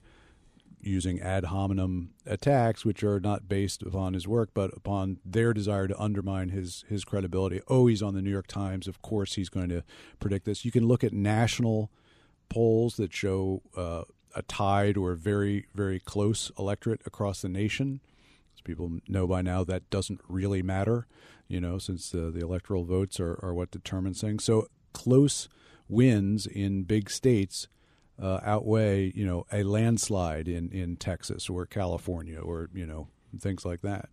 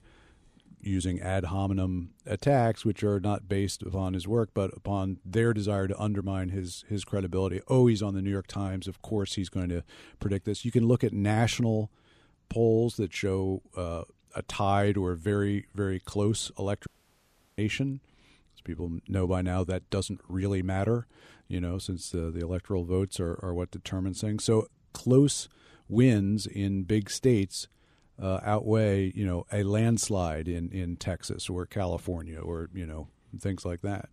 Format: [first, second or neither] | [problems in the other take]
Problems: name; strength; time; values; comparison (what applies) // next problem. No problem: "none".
first | audio cutting out; at 17 s for 0.5 s